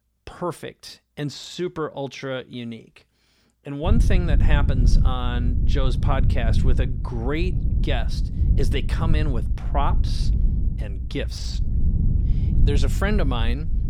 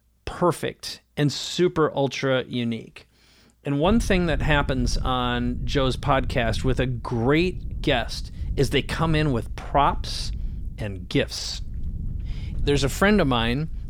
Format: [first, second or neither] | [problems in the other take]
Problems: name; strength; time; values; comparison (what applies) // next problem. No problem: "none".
second | low rumble; loud; from 4 s on; 8 dB below the speech; faint in the second